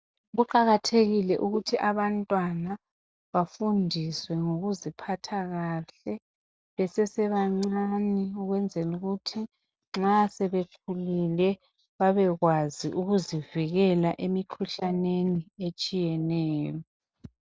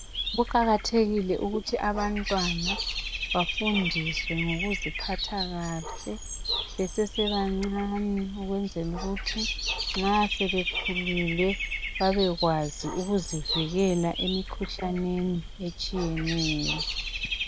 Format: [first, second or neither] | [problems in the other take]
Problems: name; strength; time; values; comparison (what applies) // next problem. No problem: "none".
first | background sound (Bird / Dog); 4 dB below the speech